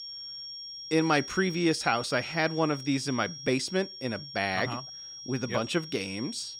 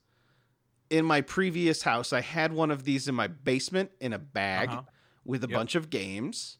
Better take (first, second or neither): second